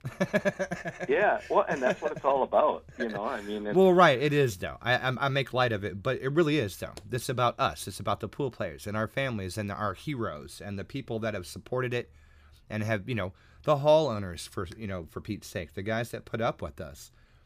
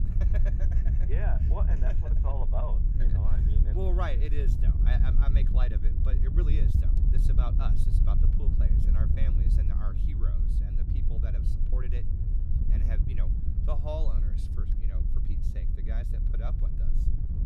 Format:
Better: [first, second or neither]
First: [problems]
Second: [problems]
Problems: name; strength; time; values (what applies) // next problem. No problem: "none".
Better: first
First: none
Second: wind noise on the microphone; heavy; 3 dB below the speech